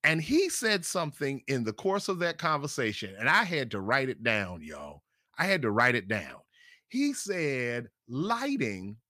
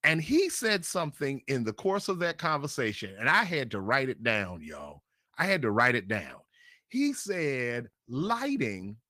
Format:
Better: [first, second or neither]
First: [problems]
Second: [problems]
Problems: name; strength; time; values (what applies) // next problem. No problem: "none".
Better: first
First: none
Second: garbled, watery; slightly; nothing above 15 kHz